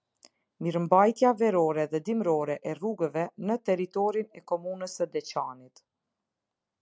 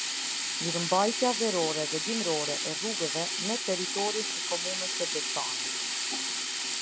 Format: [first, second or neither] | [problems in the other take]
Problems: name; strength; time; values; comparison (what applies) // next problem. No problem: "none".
first | background sound (Sink (filling or washing)); 1 dB above the speech